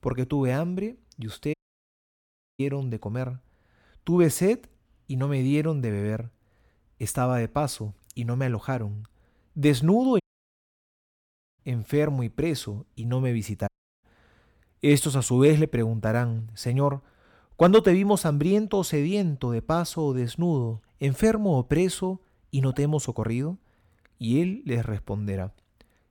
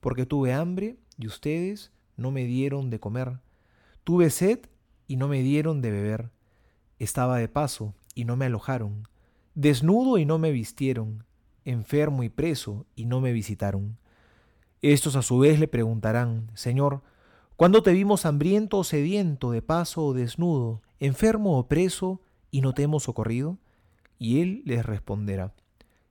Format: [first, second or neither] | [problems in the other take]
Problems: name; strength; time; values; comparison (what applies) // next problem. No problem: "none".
second | audio cutting out; at 1.5 s for 1 s, at 10 s for 1.5 s and at 14 s